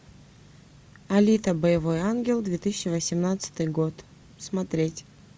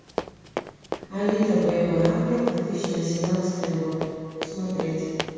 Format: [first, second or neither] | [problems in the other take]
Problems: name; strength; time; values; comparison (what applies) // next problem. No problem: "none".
first | background sound (Run); 9 dB below the speech // room echo; dies away in 2.2 s